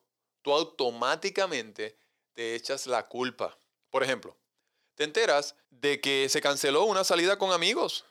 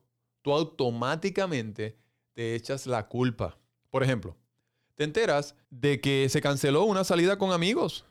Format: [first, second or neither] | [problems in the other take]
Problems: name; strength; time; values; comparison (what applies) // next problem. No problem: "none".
second | thin; somewhat; fading below 450 Hz